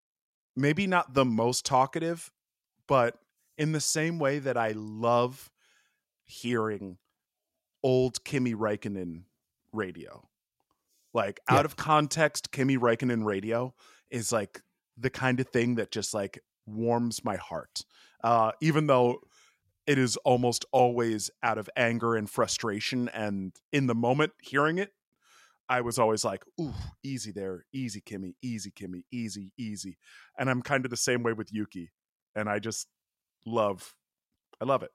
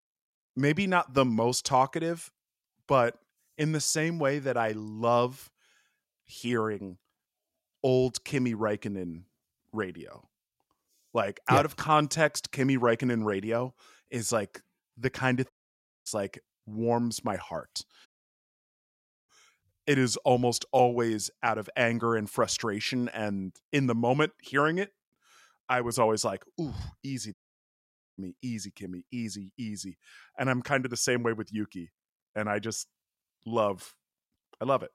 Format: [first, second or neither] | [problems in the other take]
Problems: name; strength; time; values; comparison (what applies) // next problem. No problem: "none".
first | audio cutting out; at 16 s for 0.5 s, at 18 s for 1 s and at 27 s for 1 s